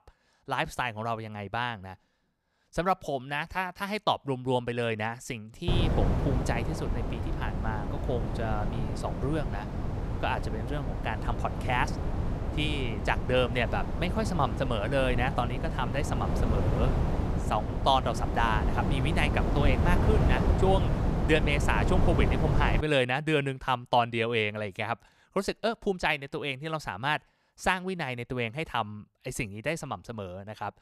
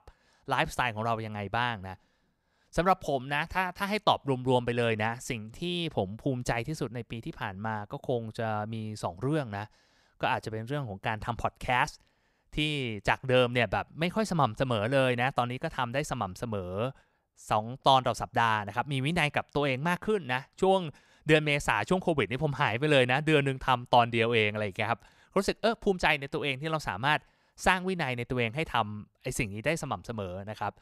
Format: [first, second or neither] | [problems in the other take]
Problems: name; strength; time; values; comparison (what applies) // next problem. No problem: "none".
second | wind noise on the microphone; heavy; from 5.5 to 23 s; 7 dB below the speech